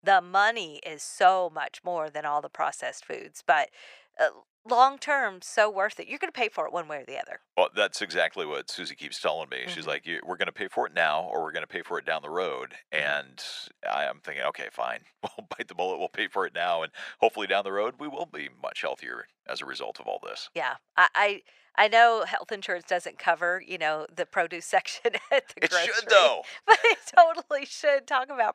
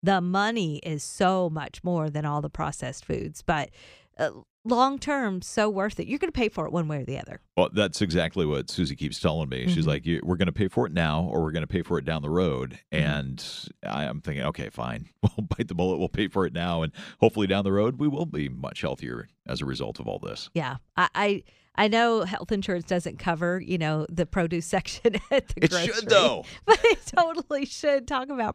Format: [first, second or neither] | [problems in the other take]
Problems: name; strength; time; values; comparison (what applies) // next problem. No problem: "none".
second | thin; very; fading below 650 Hz